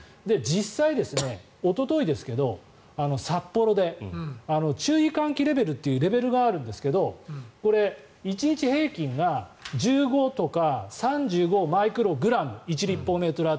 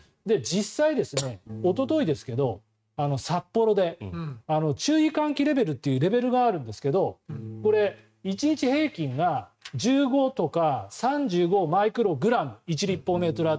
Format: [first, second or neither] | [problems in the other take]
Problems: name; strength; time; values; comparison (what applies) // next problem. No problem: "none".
first | noise reduction (neural mask model RNNoise)